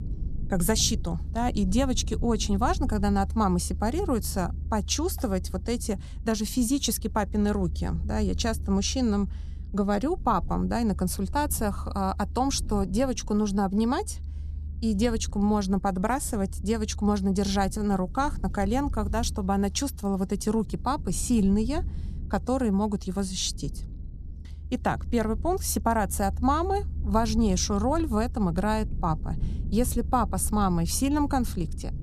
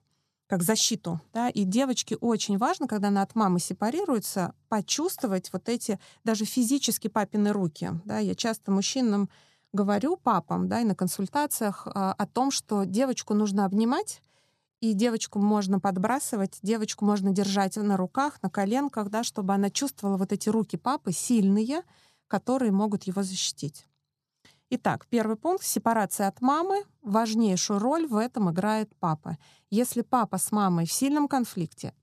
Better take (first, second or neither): second